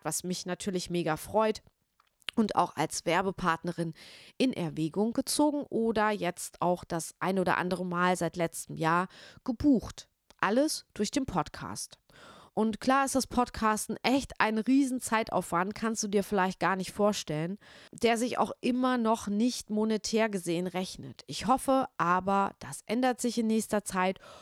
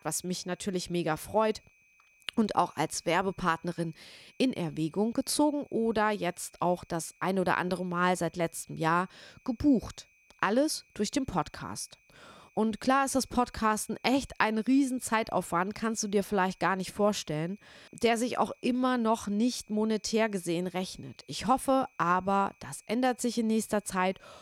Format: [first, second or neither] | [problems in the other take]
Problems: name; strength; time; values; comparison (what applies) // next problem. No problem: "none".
first | high-pitched whine; faint; throughout; 2.5 kHz, 35 dB below the speech